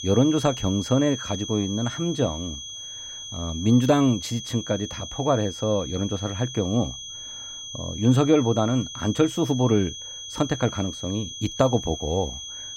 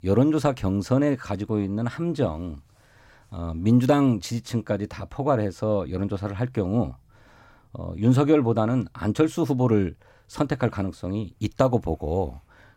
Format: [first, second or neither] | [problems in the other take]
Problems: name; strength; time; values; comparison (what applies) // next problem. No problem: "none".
second | high-pitched whine; loud; throughout; 3.5 kHz, 10 dB below the speech